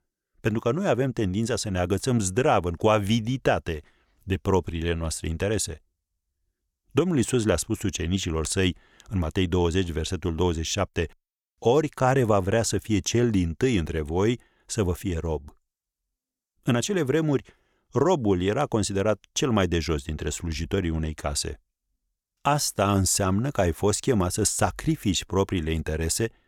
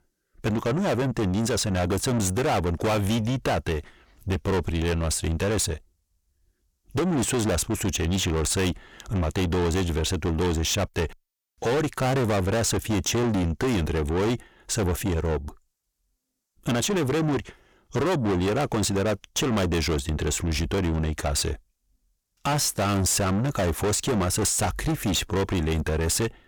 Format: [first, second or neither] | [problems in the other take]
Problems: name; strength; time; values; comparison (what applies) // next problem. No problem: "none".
first | distortion; heavy; 6 dB below the speech